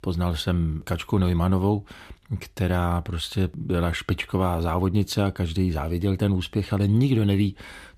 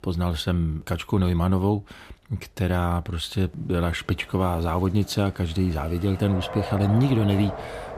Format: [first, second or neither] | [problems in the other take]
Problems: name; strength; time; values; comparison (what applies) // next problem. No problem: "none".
first | traffic noise; noticeable; throughout; 10 dB below the speech